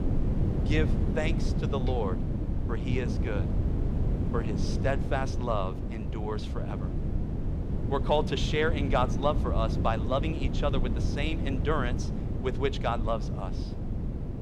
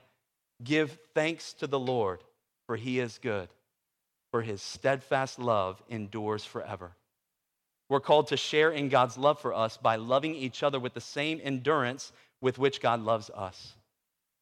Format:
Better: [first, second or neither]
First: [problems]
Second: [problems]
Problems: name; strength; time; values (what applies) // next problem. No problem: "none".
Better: second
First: wind noise on the microphone; heavy; 8 dB below the speech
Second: none